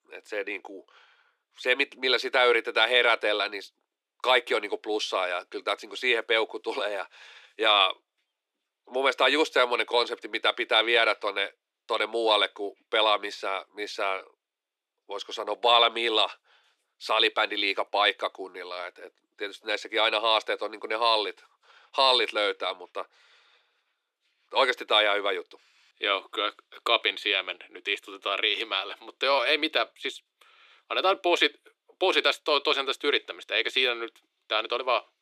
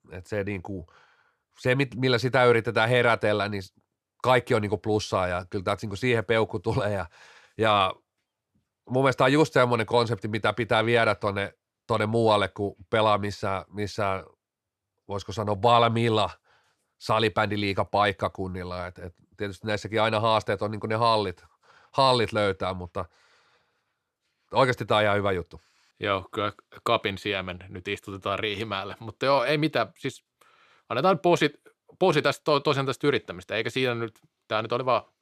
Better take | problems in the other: second | thin; very; fading below 300 Hz

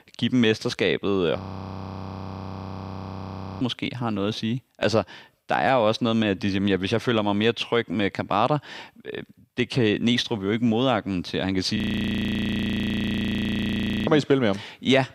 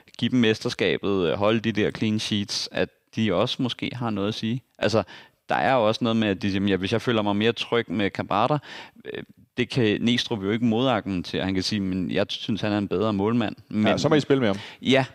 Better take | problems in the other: second | audio freezing; at 1.5 s for 2 s and at 12 s for 2.5 s

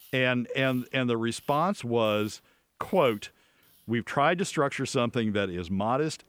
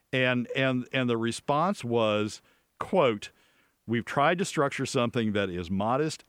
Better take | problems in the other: second | machinery noise; faint; throughout; 30 dB below the speech

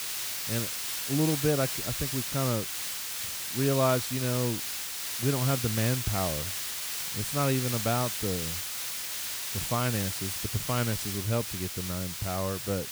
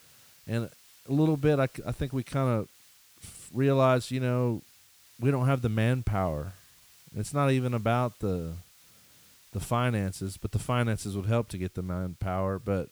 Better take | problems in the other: second | hiss; loud; throughout; 1 dB below the speech; faint in the second

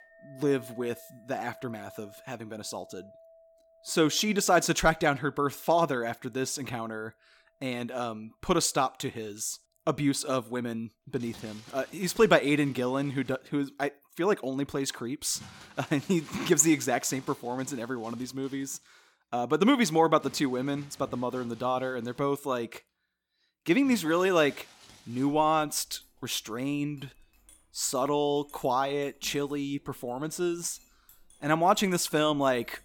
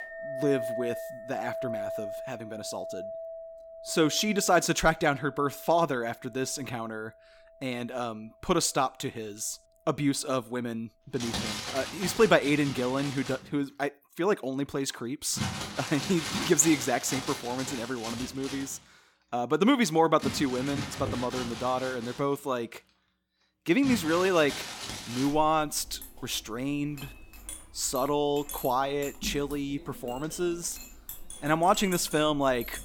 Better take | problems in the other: first | household noises; loud; throughout; 9 dB below the speech; faint in the first

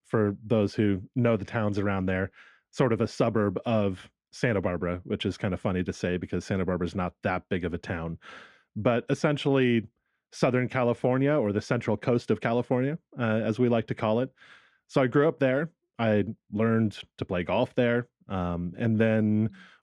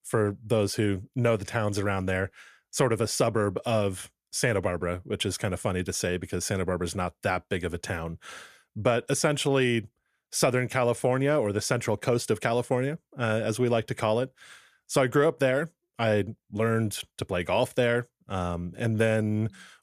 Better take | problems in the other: second | muffled; slightly; fading above 3.5 kHz

